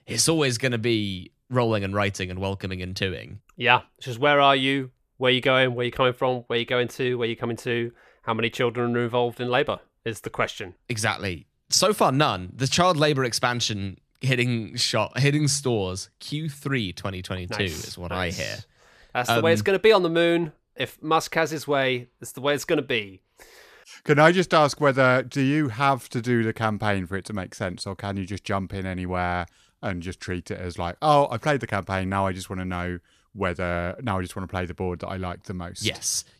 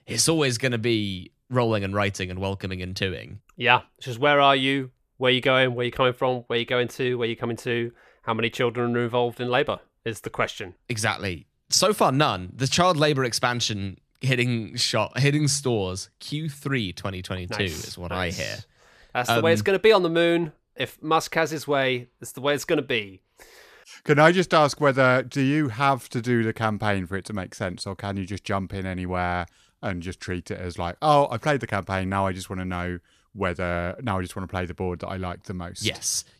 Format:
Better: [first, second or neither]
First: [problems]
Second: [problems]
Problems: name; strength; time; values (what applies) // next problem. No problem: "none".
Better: neither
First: none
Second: none